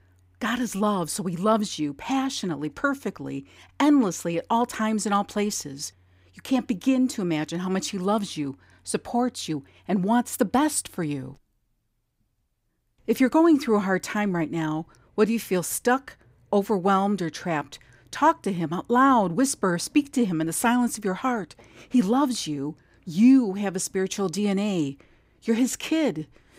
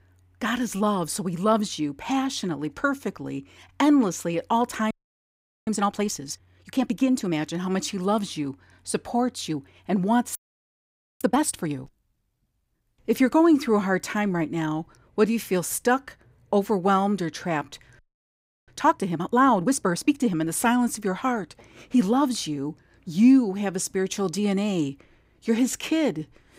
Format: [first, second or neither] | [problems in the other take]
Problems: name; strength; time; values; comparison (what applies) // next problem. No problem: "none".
first | audio freezing; at 5 s for 1 s, at 10 s for 1 s and at 18 s for 0.5 s